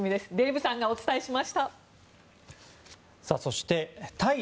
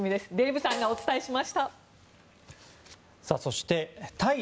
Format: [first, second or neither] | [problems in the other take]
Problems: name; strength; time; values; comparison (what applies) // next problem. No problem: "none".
first | background sound (Snare drum); 13 dB below the speech